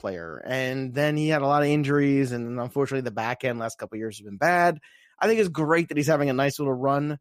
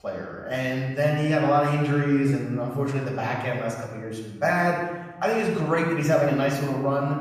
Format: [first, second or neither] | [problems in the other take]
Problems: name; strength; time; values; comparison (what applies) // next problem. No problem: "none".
first | off-mic speech; far // room echo; noticeable; dies away in 1.4 s